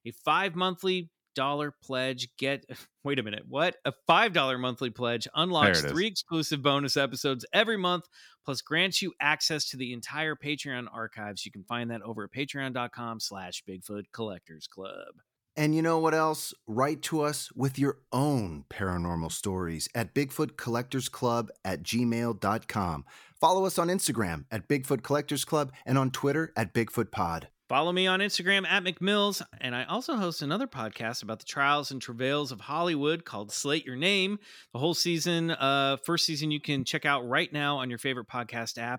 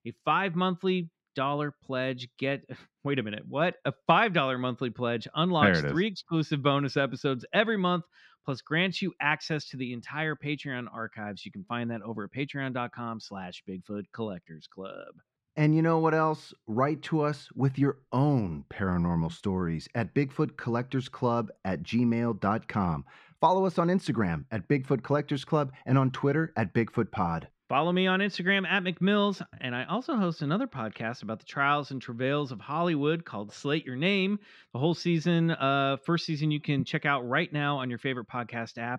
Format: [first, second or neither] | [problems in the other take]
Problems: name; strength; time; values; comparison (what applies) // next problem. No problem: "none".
first | muffled; slightly; fading above 3 kHz